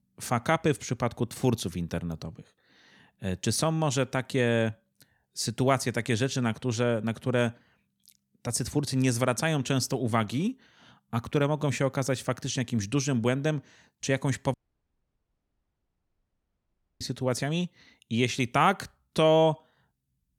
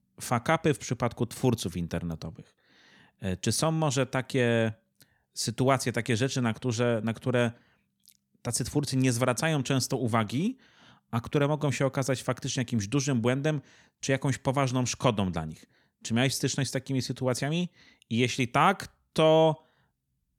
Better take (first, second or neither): second